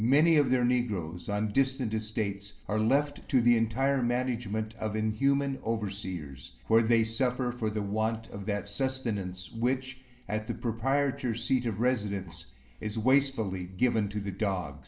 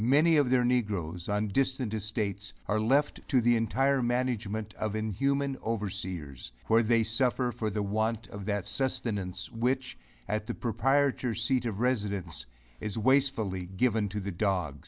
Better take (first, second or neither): second